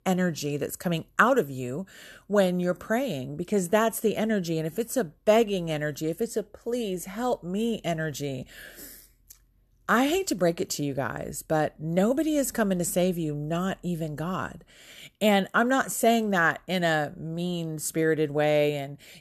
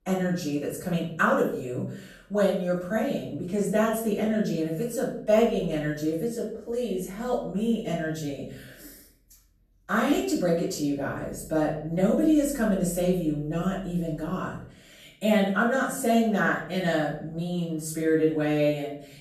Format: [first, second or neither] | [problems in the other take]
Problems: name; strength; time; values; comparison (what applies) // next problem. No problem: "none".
first | room echo; noticeable; dies away in 0.5 s // off-mic speech; far